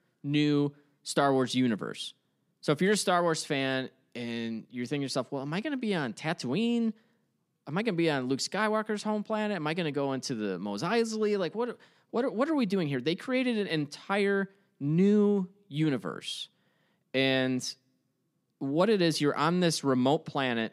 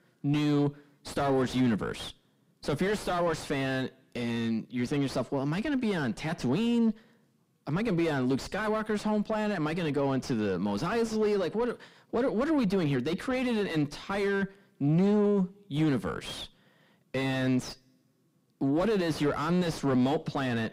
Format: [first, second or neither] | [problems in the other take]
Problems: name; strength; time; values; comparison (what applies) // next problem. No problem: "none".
first | distortion; heavy; 5 dB below the speech